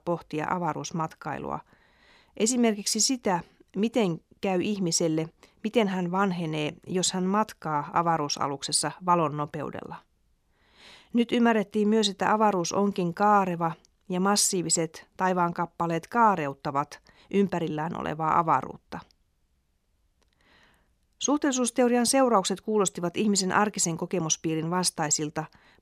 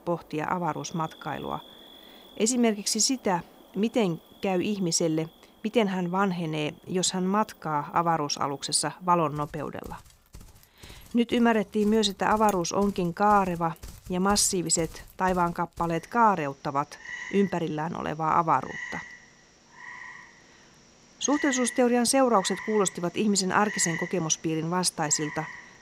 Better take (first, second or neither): first